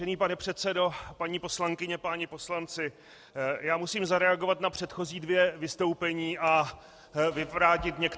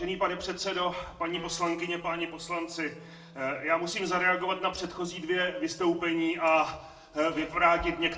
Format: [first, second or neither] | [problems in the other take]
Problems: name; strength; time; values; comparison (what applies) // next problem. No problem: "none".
first | background sound (Wind instrument, woodwind instrument); 19 dB below the speech // room echo; dies away in 0.6 s